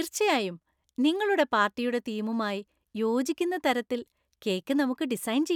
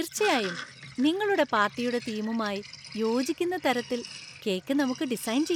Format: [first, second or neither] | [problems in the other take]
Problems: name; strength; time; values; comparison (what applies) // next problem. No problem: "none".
first | background sound (Sink (filling or washing)); 14 dB below the speech